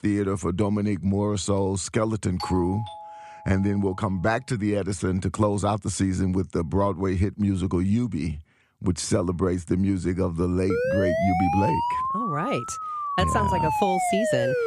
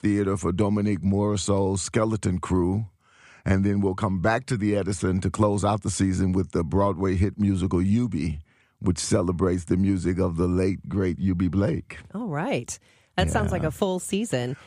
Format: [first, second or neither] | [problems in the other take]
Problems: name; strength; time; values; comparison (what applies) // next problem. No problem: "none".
second | doorbell; noticeable; from 2.5 to 4 s; peak 9 dB below the speech // siren; loud; from 11 s on; peak 1 dB above the speech